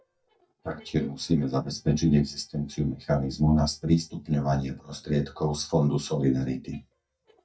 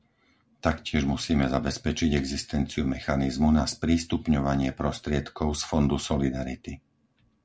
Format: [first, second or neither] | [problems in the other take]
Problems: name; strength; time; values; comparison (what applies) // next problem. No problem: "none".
second | noise reduction (neural mask model DeepFilterNet 3)